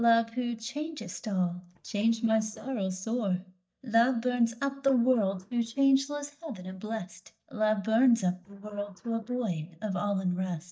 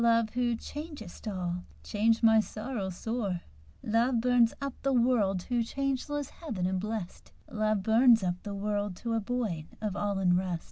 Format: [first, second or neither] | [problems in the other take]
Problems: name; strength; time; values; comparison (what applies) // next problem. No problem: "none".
second | noise reduction (neural mask model DeepFilterNet 3)